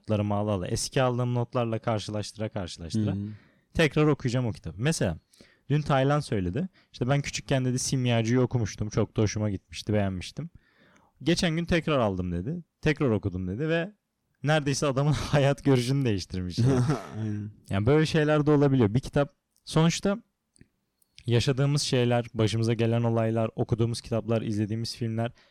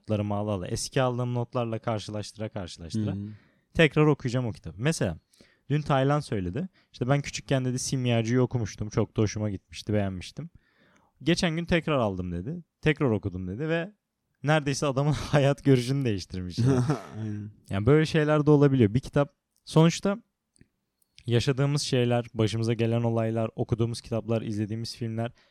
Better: second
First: distortion; slight; 10 dB below the speech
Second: none

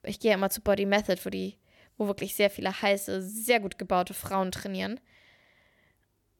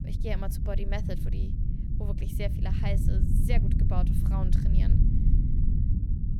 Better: first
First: none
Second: low rumble; loud; throughout; 2 dB below the speech

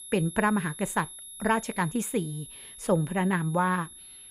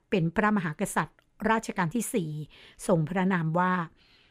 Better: second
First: high-pitched whine; noticeable; throughout; 11 kHz, 15 dB below the speech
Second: none

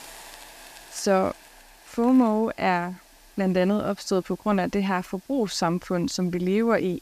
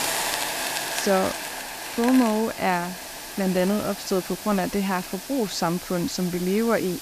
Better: first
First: hiss; faint; throughout; 25 dB below the speech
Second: hiss; loud; throughout; 6 dB below the speech

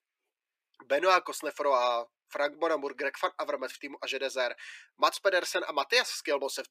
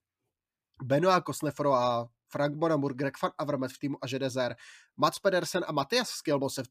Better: second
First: thin; very; fading below 400 Hz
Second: none

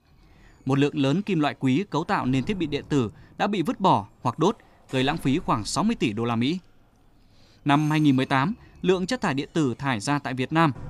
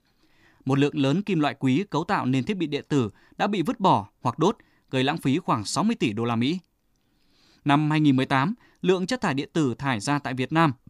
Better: second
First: alarms or sirens; faint; throughout; 25 dB below the speech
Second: none

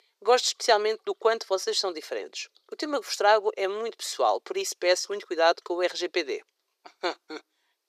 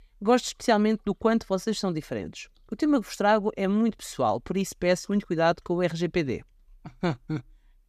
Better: second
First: thin; very; fading below 400 Hz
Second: none

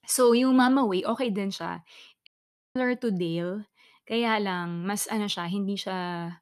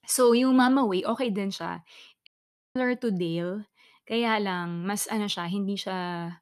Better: neither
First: audio cutting out; at 2.5 s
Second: audio cutting out; at 2.5 s

